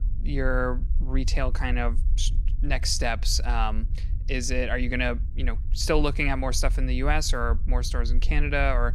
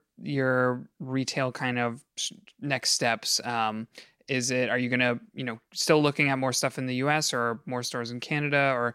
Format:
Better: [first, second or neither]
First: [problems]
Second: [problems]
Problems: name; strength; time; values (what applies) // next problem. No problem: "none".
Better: second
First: low rumble; faint; throughout; 20 dB below the speech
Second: none